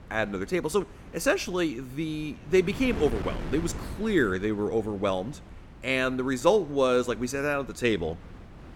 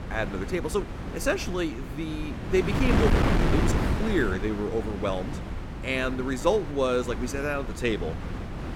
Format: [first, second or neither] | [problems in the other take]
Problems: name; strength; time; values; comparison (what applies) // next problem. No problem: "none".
first | wind noise on the microphone; heavy; 5 dB below the speech; occasional gusts in the first